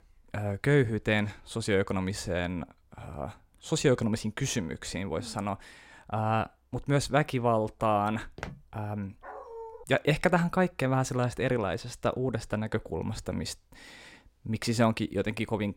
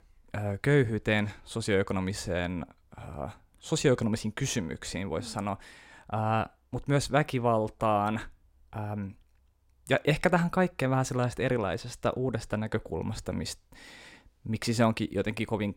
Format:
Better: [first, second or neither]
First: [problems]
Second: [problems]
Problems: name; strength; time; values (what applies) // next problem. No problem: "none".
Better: second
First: footsteps; faint; at 8.5 s; peak 15 dB below the speech // dog barking; faint; at 9 s; peak 15 dB below the speech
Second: none